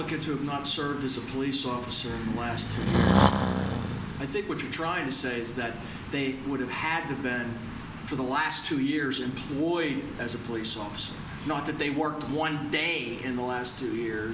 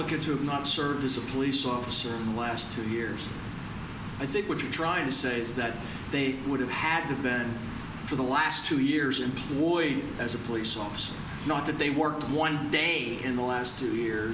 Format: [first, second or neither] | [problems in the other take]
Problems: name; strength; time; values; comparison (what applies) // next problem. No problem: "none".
second | background sound (Breathing); 3 dB above the speech